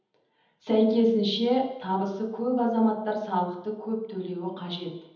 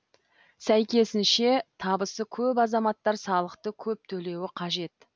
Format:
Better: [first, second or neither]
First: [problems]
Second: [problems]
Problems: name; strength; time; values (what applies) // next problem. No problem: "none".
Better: second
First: room echo; dies away in 1.3 s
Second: none